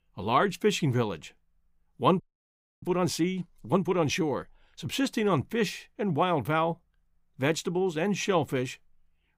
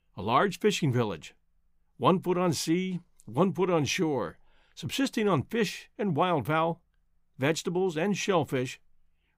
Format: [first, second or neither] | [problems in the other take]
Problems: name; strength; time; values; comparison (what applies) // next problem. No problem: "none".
second | audio freezing; at 2 s for 0.5 s